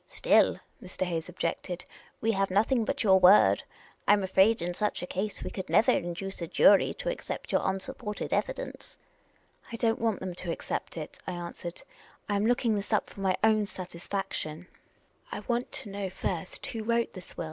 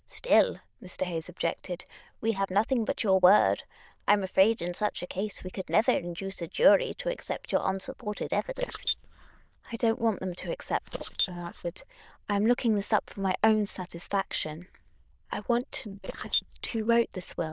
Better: first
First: none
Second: noise reduction (neural diffusion model UNIVERSE++)

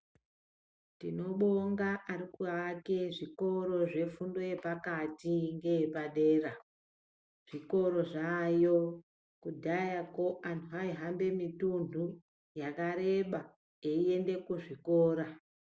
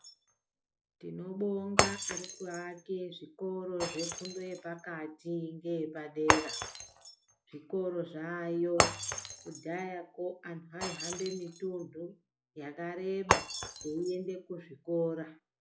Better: first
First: none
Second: noise reduction (classical method log-MMSE)

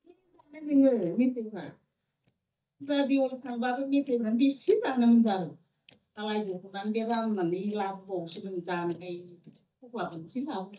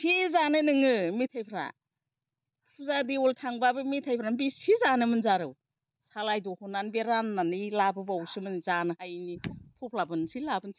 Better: second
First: noise reduction (neural mask model DeepFilterNet 3)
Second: none

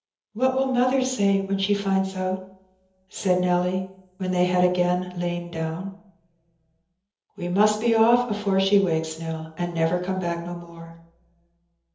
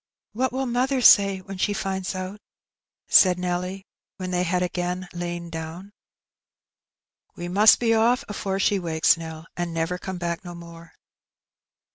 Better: second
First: room echo; dies away in 0.7 s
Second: none

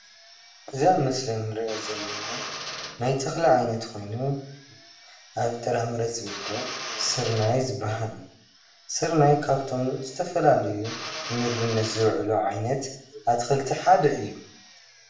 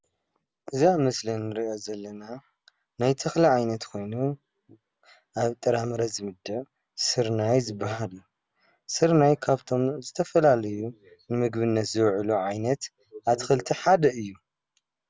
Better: second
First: background sound (Drill); 14 dB below the speech // room echo; dies away in 0.6 s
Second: none

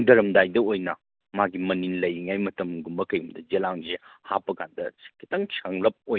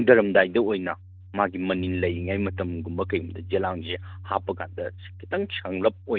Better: first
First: none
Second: background sound (Bass guitar); 12 dB below the speech

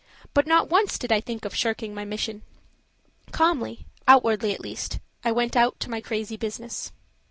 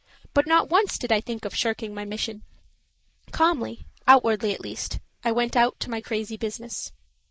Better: first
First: none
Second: noise reduction (neural mask model Resemble Enhance denoiser)

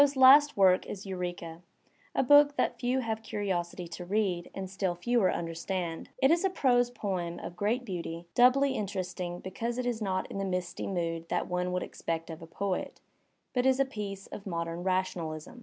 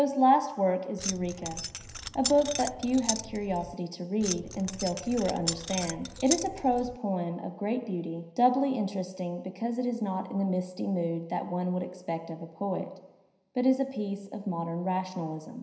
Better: first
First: none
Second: background sound (Keys jangling); 7 dB below the speech // room echo; dies away in 0.9 s

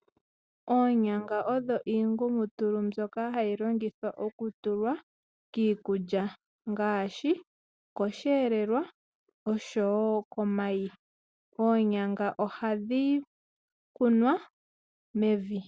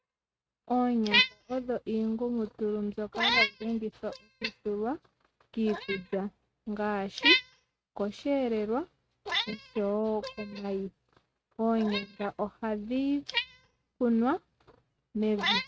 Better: first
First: none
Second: noise reduction (neural mask model RNNoise)

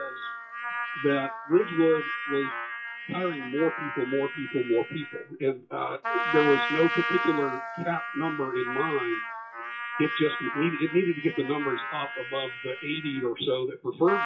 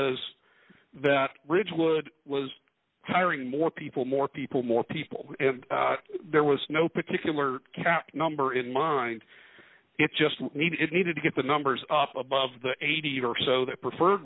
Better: second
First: noise reduction (classical method WPE with log-MMSE)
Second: none

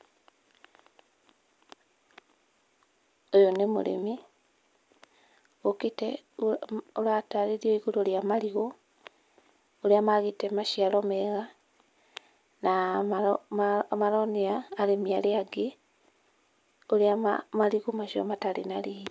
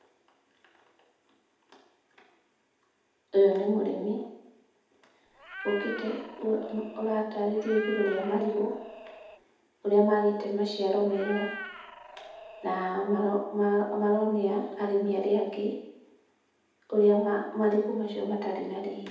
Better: first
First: none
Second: background sound (Meow); 13 dB below the speech // room echo; dies away in 0.8 s

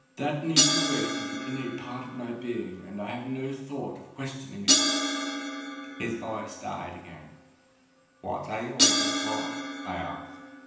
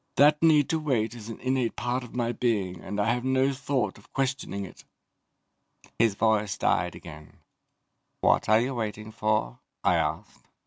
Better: second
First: background sound (Crash cymbal); 4 dB above the speech // room echo; dies away in 0.9 s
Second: none

